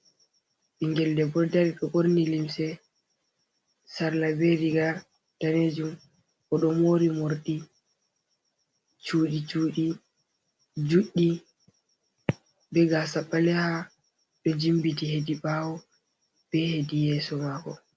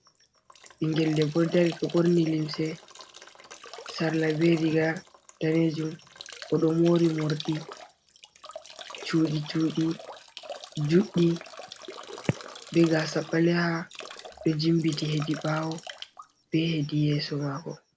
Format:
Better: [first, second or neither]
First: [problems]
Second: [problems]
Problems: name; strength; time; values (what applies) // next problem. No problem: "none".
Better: first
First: none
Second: background sound (Drip / Trickle, dribble / Bathtub (filling or washing)); 17 dB below the speech